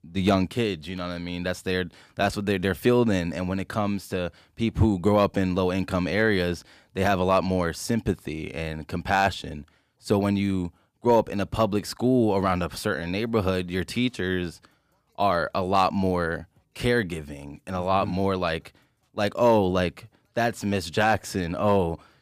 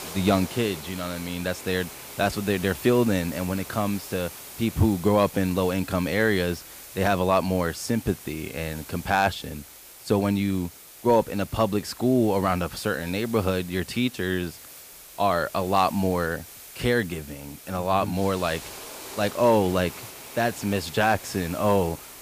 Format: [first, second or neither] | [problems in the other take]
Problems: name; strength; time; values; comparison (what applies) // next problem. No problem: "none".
first | hiss; noticeable; throughout; 15 dB below the speech